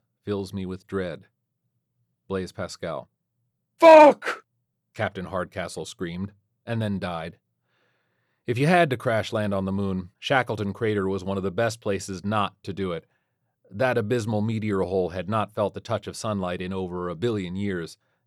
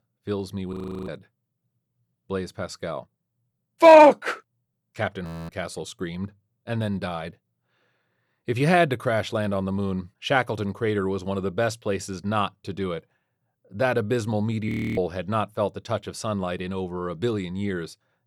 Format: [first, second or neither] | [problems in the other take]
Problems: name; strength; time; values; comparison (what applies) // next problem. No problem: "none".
first | audio freezing; at 0.5 s, at 5.5 s and at 15 s